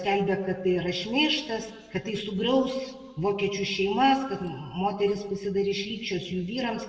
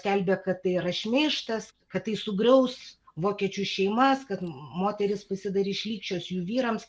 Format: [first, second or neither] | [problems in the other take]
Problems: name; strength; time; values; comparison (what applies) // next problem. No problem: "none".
second | room echo; dies away in 1.3 s